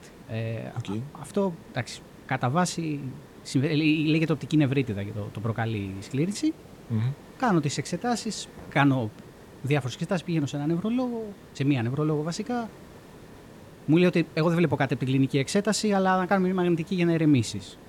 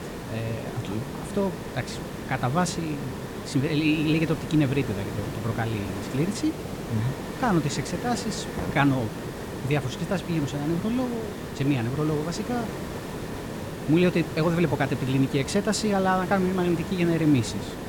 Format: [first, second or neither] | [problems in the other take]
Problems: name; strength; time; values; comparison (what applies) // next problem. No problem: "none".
first | hiss; loud; throughout; 8 dB below the speech; faint in the first